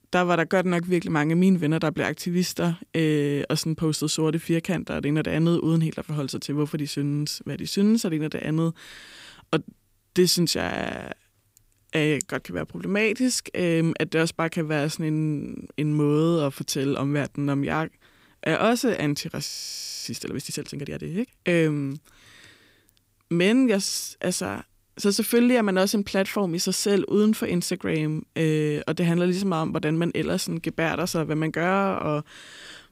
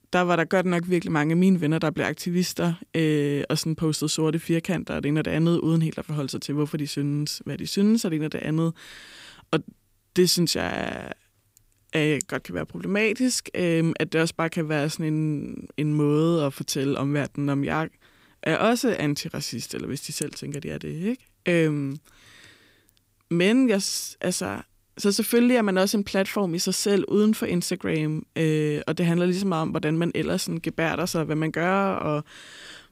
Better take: second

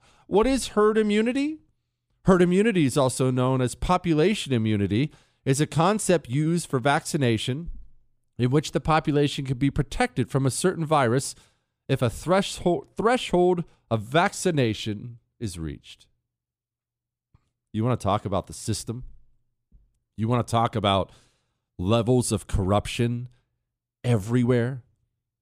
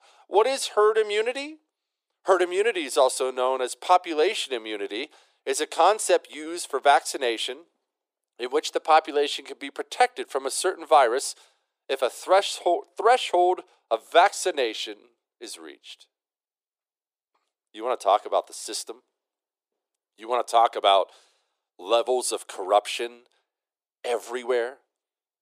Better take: first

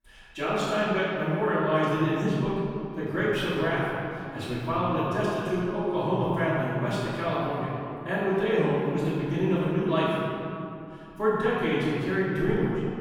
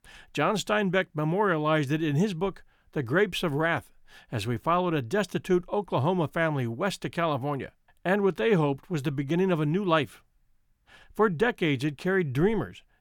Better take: second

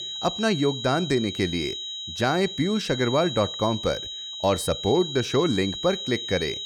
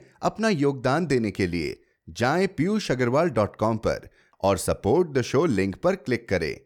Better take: second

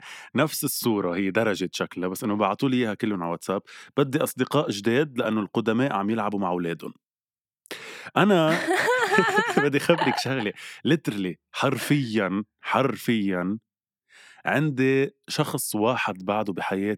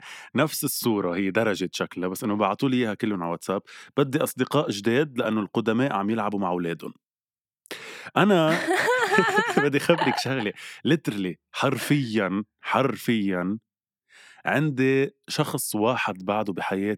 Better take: neither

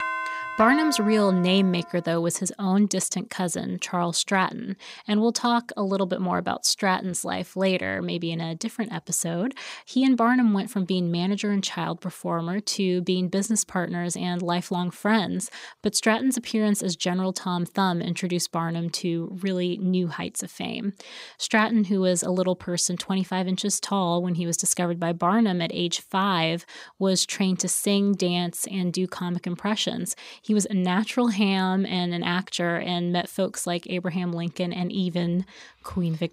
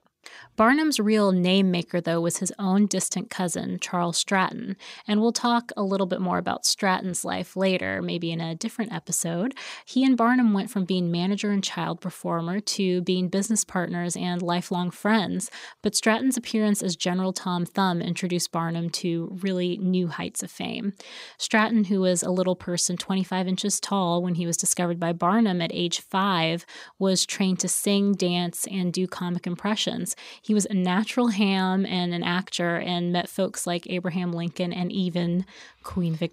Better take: second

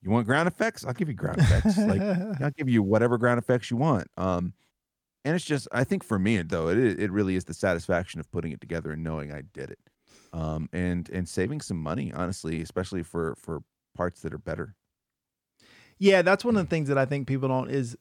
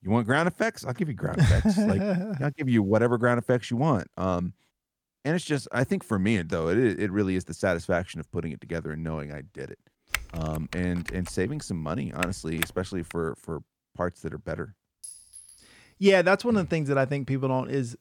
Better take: first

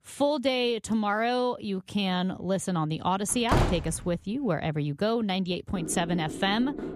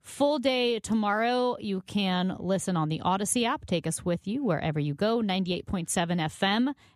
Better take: second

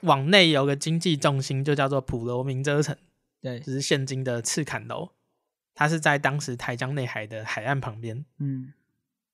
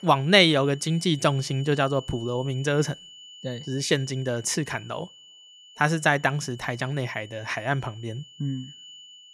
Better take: first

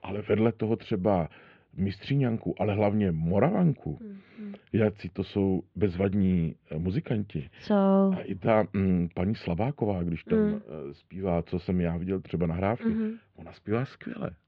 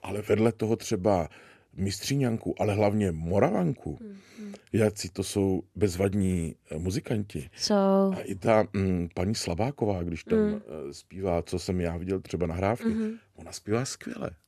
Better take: second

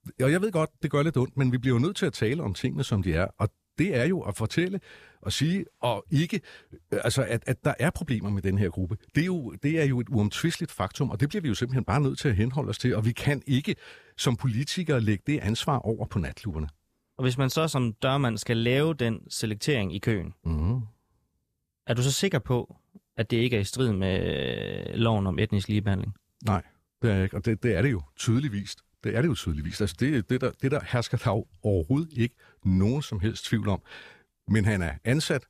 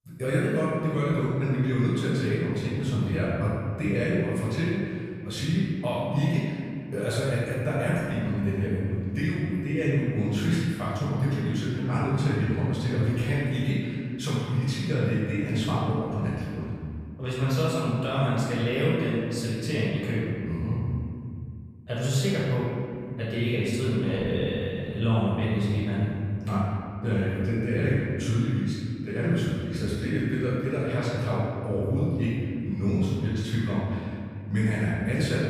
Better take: first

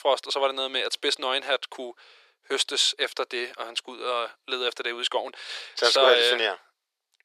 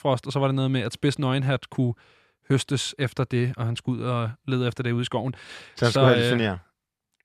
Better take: second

